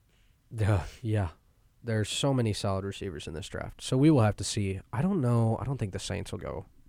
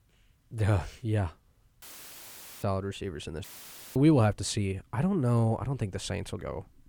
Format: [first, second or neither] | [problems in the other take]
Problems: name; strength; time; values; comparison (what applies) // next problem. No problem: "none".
first | audio cutting out; filled with static; at 2 s for 1 s and at 3.5 s for 0.5 s